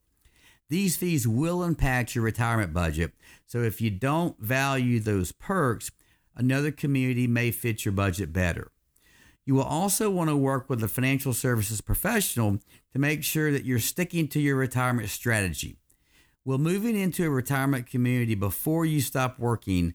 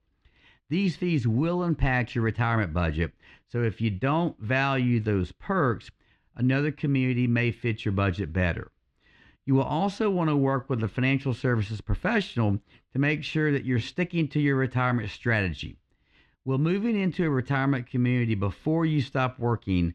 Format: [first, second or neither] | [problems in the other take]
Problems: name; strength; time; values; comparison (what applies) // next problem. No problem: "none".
first | muffled; slightly; fading above 4 kHz